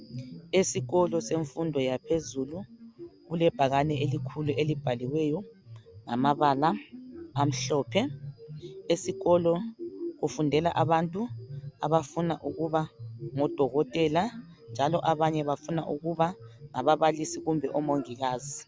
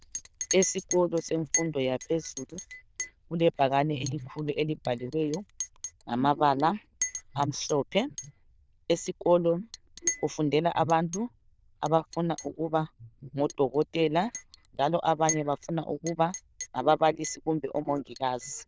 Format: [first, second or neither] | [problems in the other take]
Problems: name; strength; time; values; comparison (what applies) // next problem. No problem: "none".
first | noise reduction (neural diffusion model UNIVERSE++)